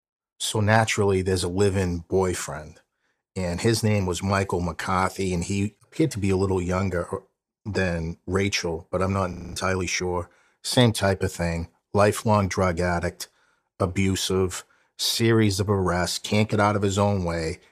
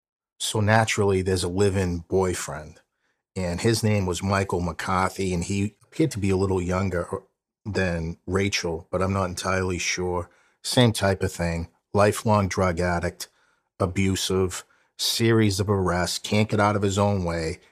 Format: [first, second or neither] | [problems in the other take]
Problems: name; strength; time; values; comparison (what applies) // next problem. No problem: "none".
second | audio freezing; at 9.5 s